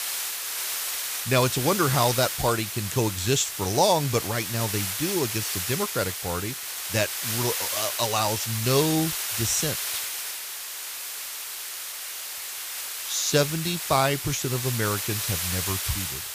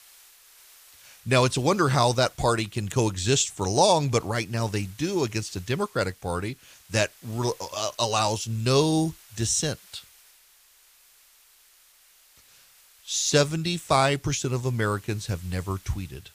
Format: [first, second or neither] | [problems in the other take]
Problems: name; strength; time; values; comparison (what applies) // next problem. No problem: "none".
second | hiss; loud; throughout; 3 dB below the speech; faint in the second